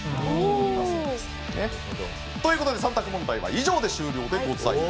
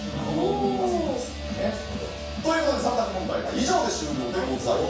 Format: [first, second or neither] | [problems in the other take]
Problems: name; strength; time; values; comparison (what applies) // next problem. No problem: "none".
first | room echo; dies away in 0.7 s